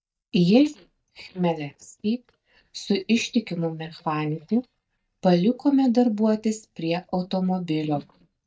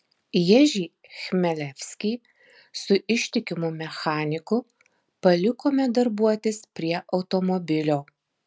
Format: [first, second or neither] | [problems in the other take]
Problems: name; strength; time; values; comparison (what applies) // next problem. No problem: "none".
second | noise reduction (neural mask model DeepFilterNet 3)